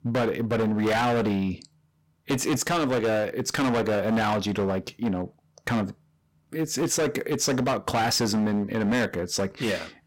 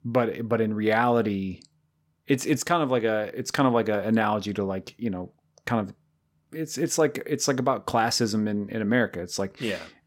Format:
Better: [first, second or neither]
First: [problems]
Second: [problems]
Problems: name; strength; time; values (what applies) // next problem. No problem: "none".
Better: second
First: distortion; heavy; 19% of the sound clipped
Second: none